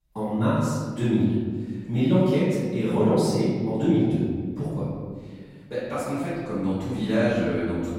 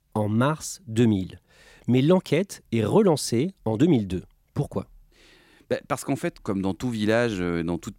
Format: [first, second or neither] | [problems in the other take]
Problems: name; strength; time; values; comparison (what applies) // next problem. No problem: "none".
second | off-mic speech; far // room echo; strong; dies away in 1.7 s